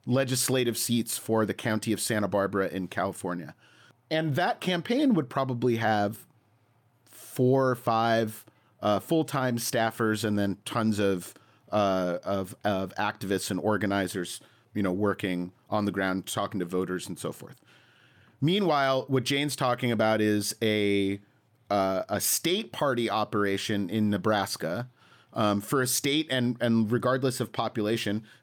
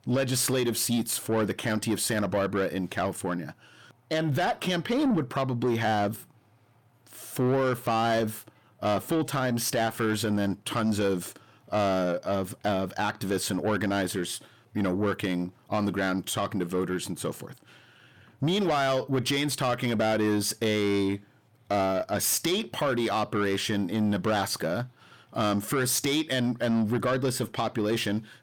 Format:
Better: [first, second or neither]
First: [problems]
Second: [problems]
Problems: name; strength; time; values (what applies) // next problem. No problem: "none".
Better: first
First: none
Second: distortion; slight; 10 dB below the speech